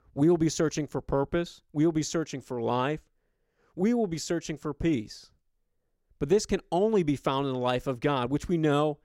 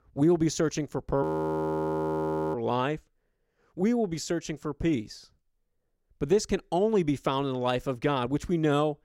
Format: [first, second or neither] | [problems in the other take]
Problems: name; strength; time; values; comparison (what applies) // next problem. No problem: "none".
first | audio freezing; at 1 s for 1.5 s